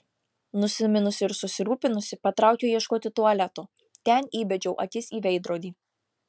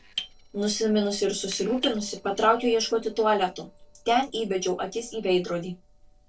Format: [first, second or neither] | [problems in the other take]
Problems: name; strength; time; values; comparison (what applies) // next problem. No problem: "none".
first | noise reduction (neural separator model SepFormer DNS4)